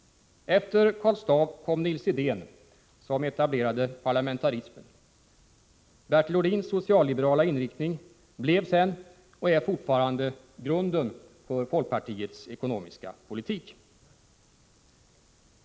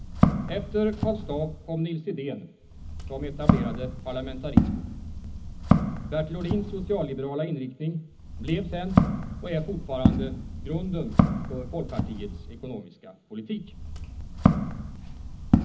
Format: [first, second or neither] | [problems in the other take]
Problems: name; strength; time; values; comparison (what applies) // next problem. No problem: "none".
first | background sound (Walk, footsteps); 5 dB above the speech // room echo; dies away in 0.4 s